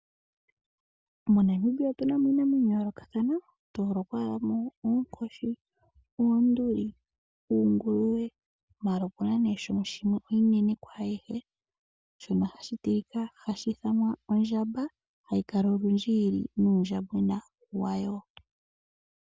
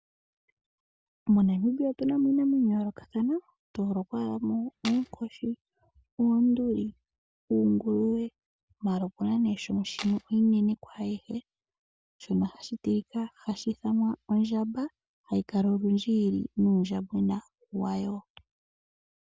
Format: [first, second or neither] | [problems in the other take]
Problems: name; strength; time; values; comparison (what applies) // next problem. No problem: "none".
first | background sound (Tools); 14 dB below the speech